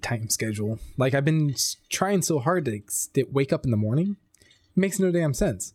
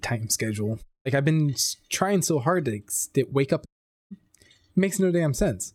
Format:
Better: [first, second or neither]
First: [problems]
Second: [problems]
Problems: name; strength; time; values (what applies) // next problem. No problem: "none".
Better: first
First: none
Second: audio cutting out; at 1 s and at 3.5 s